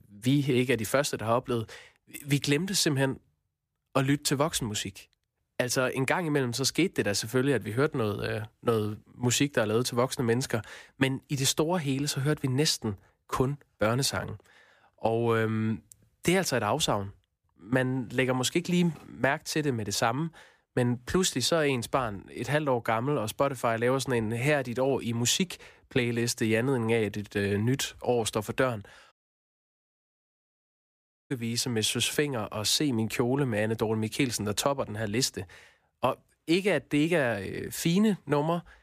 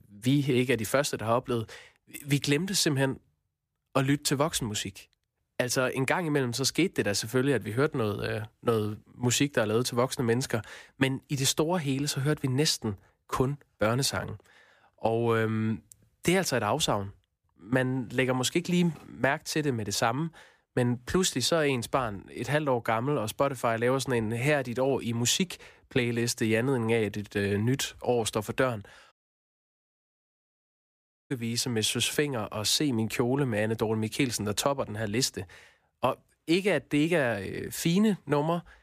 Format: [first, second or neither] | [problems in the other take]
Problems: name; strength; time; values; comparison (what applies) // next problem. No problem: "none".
neither | audio cutting out; at 29 s for 2 s; the same in both